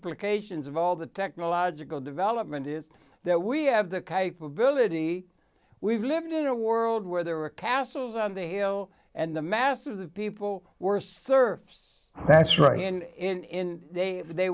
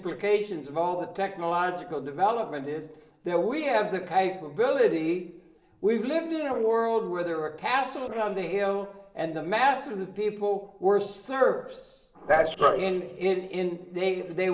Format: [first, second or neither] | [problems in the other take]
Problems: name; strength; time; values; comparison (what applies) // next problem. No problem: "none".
first | noise reduction (neural separator model SepFormer DNS4)